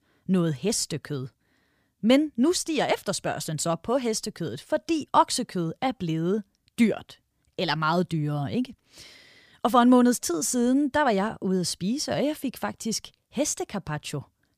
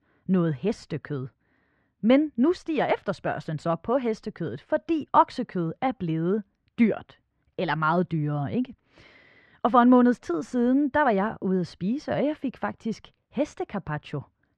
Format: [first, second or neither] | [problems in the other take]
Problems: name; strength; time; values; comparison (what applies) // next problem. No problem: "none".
first | muffled; very; fading above 2 kHz